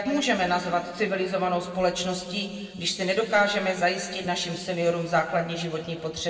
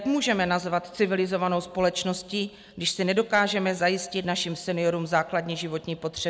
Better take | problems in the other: second | room echo; dies away in 2.1 s

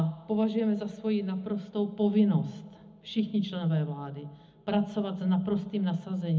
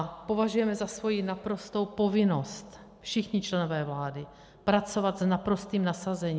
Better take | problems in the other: second | room echo; dies away in 0.4 s

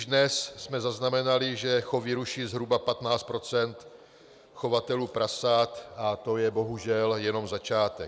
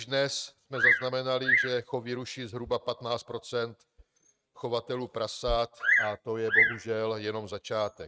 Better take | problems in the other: first | noise reduction (neural mask model RNNoise)

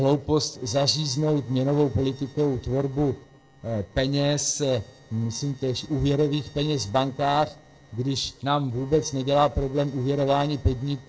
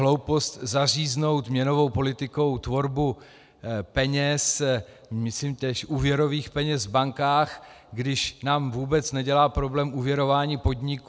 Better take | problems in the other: second | noise reduction (neural separator model SepFormer DNS4)

